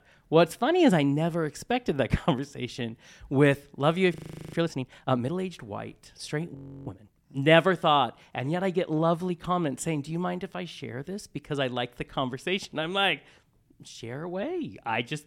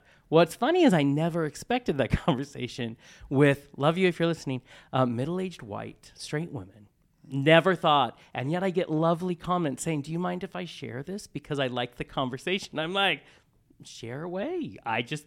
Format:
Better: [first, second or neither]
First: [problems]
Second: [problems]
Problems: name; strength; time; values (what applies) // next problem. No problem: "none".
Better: second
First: audio freezing; at 4 s and at 6.5 s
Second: none